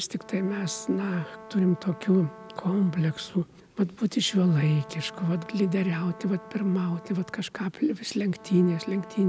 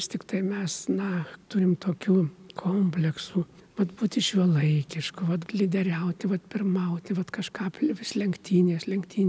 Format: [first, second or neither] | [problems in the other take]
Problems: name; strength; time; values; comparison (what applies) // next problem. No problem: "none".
second | background sound (Brass instrument); 20 dB below the speech